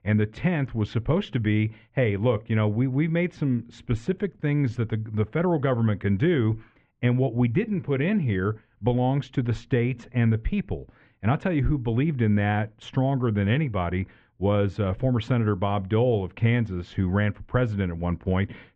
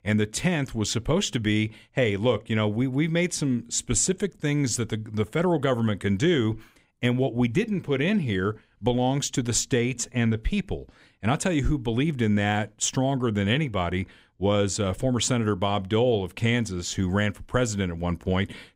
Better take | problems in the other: second | muffled; very; fading above 2.5 kHz

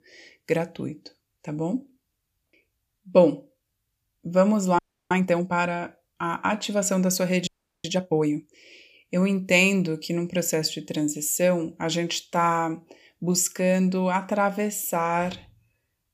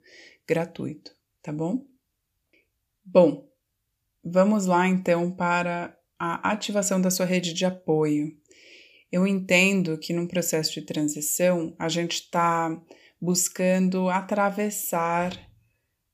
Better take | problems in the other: second | audio freezing; at 5 s and at 7.5 s

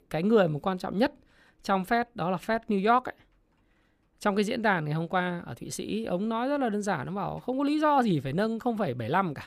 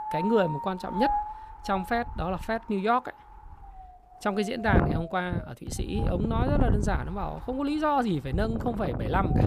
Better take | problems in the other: first | wind noise on the microphone; heavy; 4 dB below the speech

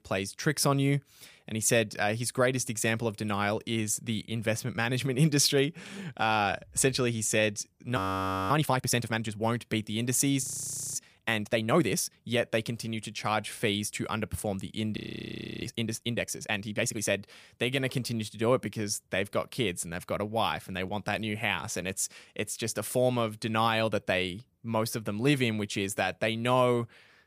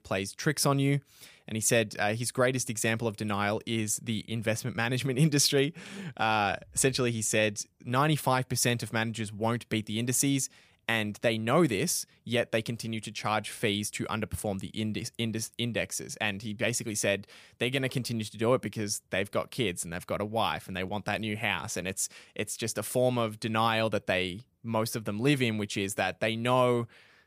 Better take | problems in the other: second | audio freezing; at 8 s for 0.5 s, at 10 s for 0.5 s and at 15 s for 0.5 s

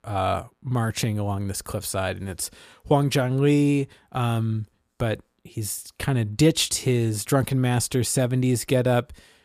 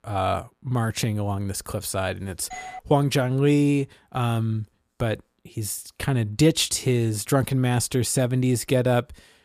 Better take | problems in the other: first | doorbell; faint; at 2.5 s; peak 15 dB below the speech

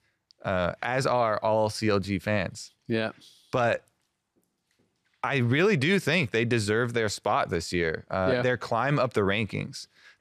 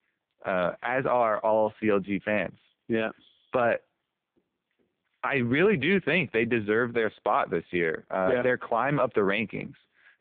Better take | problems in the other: first | phone-call audio; poor line

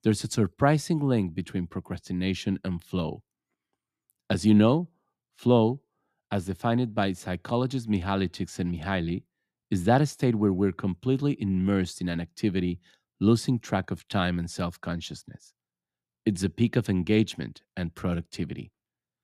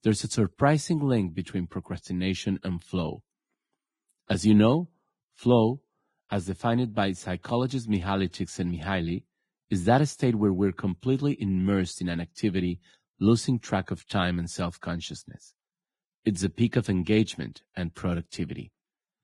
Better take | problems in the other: first | garbled, watery; badly; nothing above 10 kHz

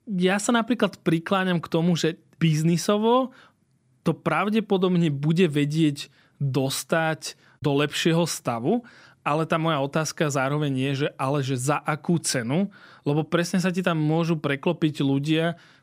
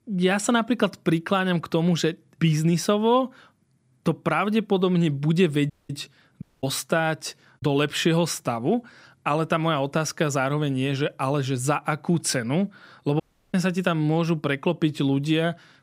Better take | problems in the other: first | audio cutting out; at 5.5 s, at 6.5 s and at 13 s

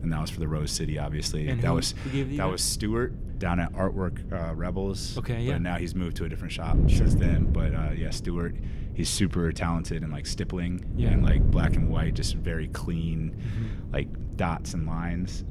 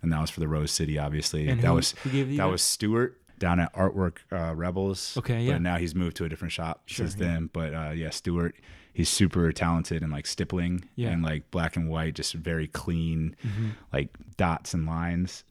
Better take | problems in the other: second | wind noise on the microphone; heavy; 9 dB below the speech

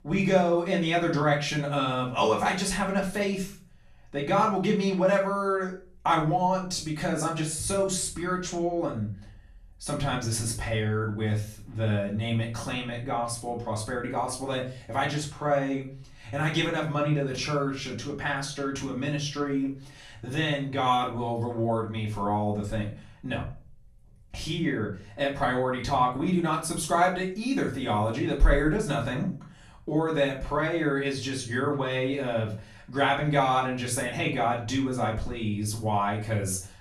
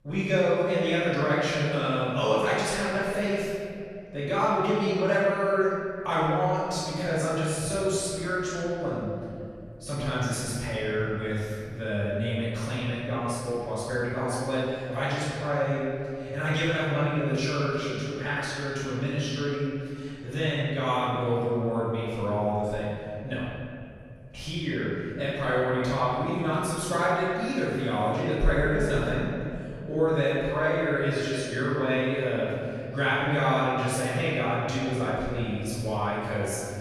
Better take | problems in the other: first | room echo; strong; dies away in 2.3 s; slight in the first // off-mic speech; far; far in the first

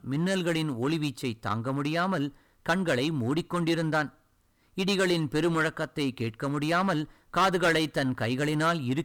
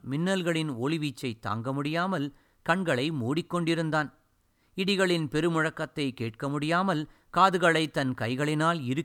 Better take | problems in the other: second | distortion; slight; 6% of the sound clipped

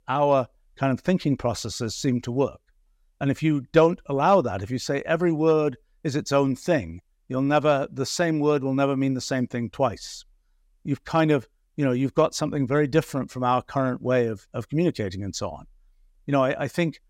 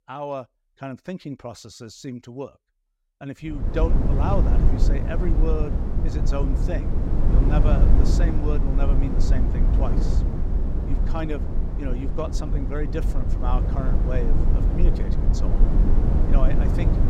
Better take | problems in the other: first | low rumble; loud; from 3.5 s on; 1 dB below the speech

